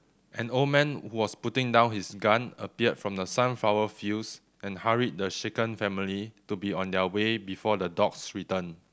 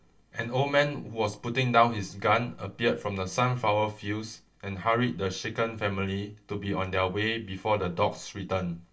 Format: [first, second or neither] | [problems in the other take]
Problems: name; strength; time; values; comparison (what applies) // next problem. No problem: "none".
first | room echo; dies away in 0.2 s